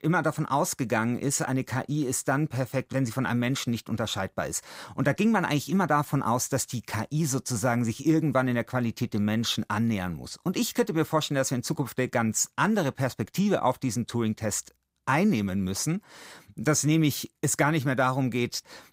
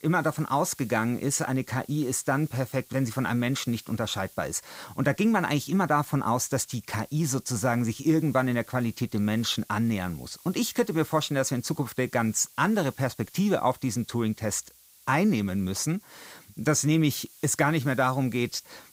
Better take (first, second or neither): first